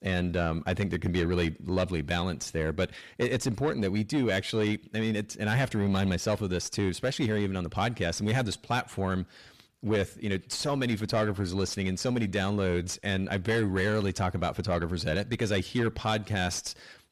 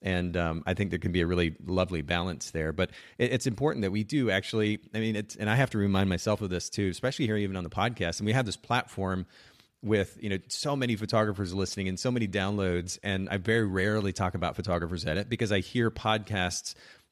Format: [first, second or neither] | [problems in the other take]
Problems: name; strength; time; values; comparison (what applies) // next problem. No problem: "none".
second | distortion; slight; 10 dB below the speech